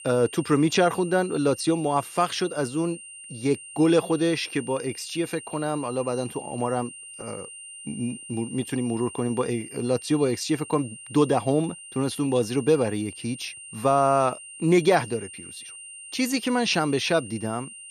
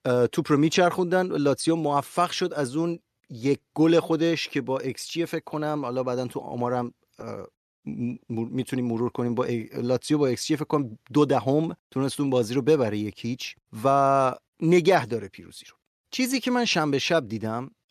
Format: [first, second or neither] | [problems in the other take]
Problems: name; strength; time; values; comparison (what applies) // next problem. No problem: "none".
second | high-pitched whine; noticeable; throughout; 9 kHz, 15 dB below the speech